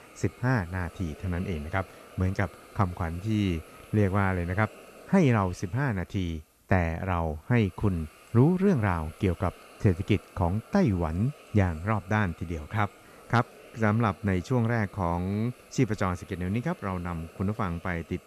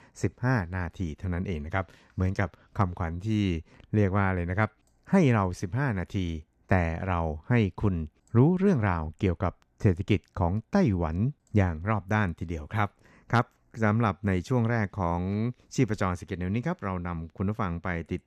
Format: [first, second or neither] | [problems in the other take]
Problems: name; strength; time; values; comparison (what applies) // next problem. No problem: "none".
second | hiss; faint; throughout; 20 dB below the speech